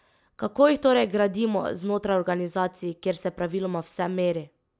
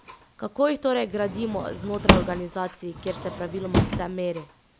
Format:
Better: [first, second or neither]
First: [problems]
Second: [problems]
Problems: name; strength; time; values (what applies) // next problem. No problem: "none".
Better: first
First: none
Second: background sound (Drawer open or close / Wood); as loud as the speech